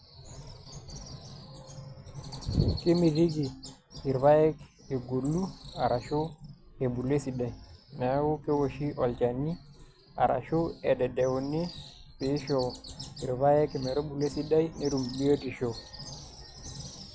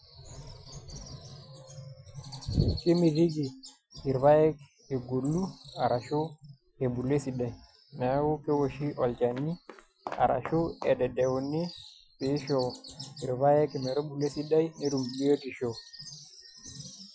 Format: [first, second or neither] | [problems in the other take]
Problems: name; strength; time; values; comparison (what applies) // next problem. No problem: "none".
first | noise reduction (classical method Wiener filter)